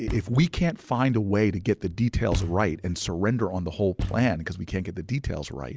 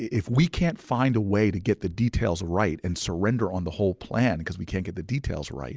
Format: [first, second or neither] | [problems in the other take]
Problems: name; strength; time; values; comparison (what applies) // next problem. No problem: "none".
second | background sound (Thump, thud); 12 dB below the speech